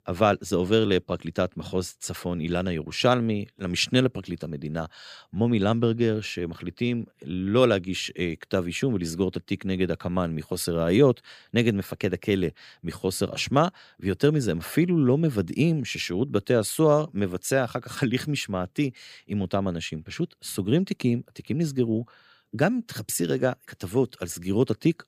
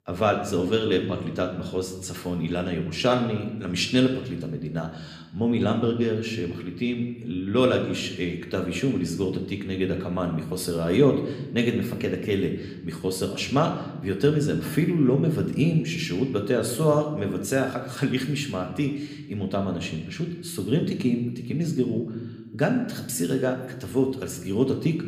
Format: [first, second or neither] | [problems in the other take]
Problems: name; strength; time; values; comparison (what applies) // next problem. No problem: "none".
first | room echo; slight; dies away in 0.8 s